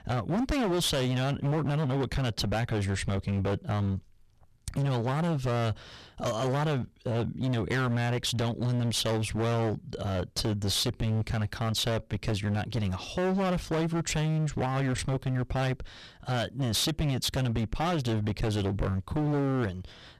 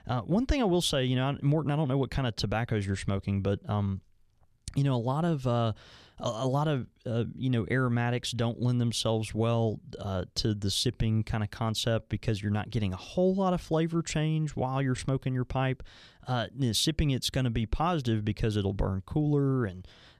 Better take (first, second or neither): second